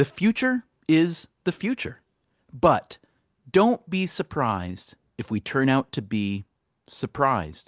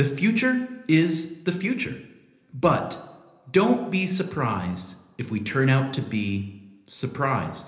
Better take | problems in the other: first | room echo; dies away in 1 s

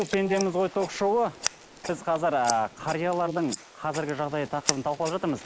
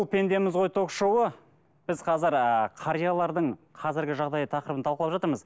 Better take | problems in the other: second | noise reduction (neural mask model Resemble Enhance denoiser)

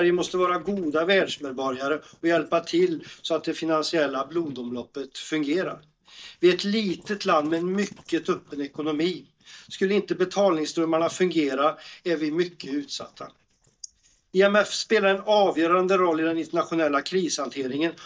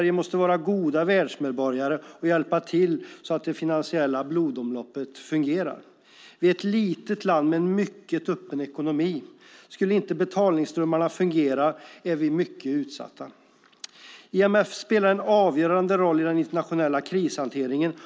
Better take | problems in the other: second | noise reduction (neural mask model DeepFilterNet 3)

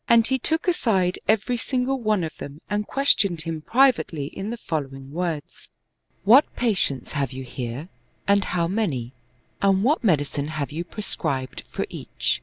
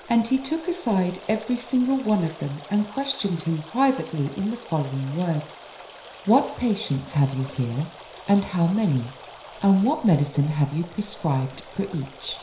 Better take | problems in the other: first | background sound (Stream); 19 dB below the speech // room echo; dies away in 0.5 s

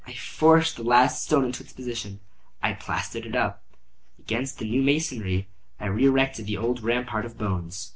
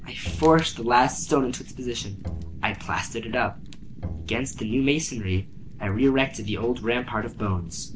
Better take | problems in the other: first | background sound (Bowed string instrument + Fire); 13 dB below the speech

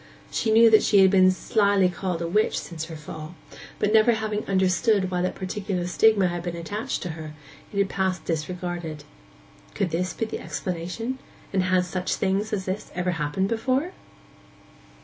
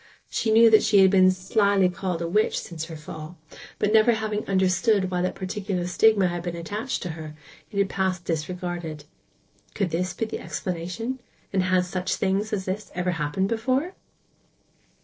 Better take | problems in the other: first | noise reduction (neural separator model SepFormer DNS4)

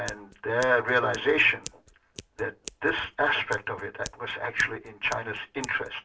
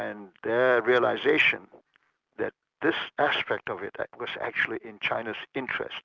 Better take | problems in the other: second | background sound (Scissors); 18 dB below the speech // room echo; dies away in 0.2 s

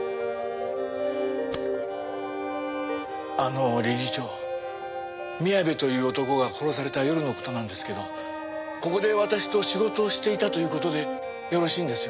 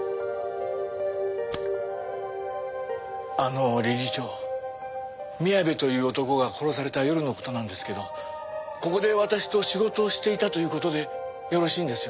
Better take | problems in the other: second | background sound (Bowed string instrument); 10 dB below the speech

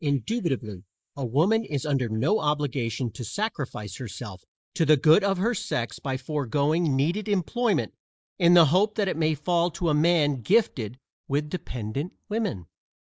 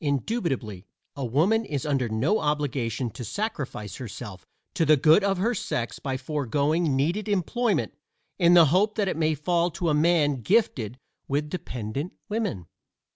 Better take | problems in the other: second | noise reduction (neural mask model Resemble Enhance denoiser)

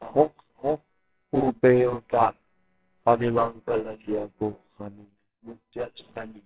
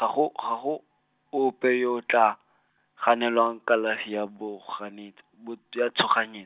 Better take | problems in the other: second | noise reduction (neural separator model SepFormer WHAMR!)

